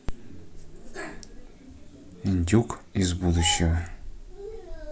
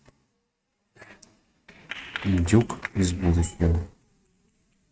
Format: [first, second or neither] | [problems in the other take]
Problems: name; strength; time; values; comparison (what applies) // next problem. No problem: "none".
first | noise reduction (neural mask model RNNoise)